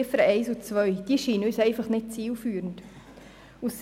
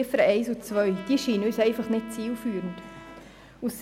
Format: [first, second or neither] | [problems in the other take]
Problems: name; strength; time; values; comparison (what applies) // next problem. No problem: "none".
first | background sound (Trumpet); 19 dB below the speech